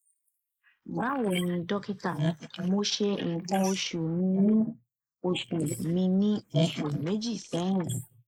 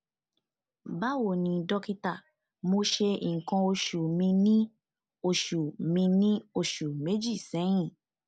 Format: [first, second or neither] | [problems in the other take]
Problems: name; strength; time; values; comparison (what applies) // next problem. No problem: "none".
second | noise reduction (neural mask model Resemble Enhance denoiser)